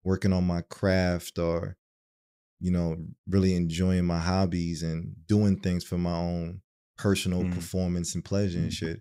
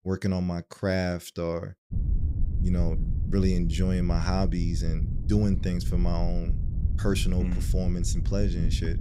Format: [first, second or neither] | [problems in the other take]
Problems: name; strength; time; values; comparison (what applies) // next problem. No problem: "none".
first | wind noise on the microphone; occasional gusts; from 2 s on; 10 dB below the speech